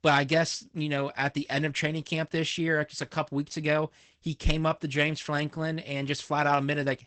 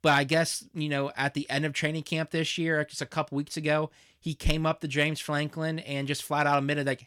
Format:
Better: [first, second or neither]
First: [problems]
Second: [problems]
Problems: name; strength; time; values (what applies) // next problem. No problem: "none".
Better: second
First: garbled, watery; badly; nothing above 8 kHz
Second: none